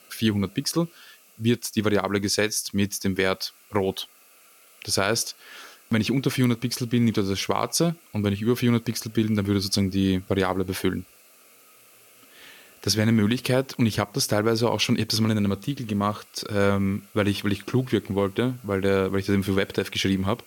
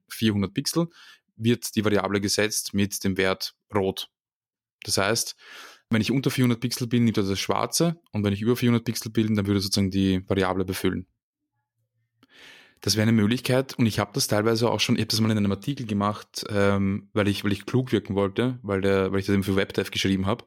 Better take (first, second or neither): second